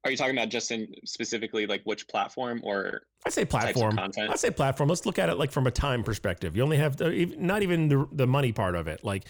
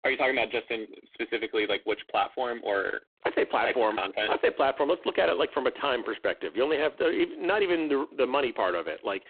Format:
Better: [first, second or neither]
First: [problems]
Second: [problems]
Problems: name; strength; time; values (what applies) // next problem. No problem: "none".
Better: first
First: none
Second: phone-call audio; poor line